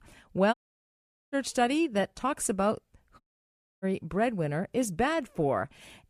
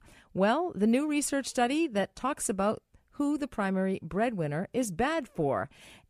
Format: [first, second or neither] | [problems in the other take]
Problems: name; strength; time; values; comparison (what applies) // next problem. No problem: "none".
second | audio cutting out; at 0.5 s for 1 s and at 3 s for 0.5 s